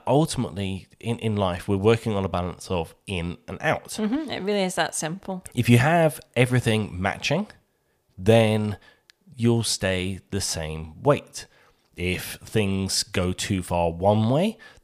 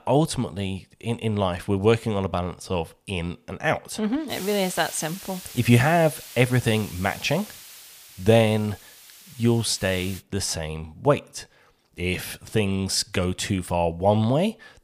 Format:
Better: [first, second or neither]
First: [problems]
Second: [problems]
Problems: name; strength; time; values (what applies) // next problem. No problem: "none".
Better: first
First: none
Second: hiss; noticeable; from 4.5 to 10 s; 15 dB below the speech